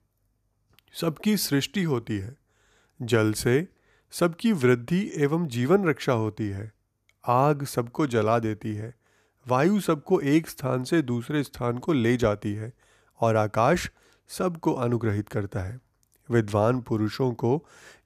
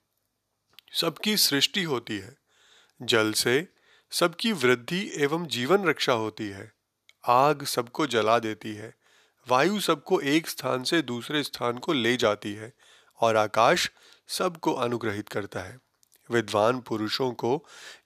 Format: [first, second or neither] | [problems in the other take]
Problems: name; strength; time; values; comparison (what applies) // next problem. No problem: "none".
first | thin; somewhat; fading below 1 kHz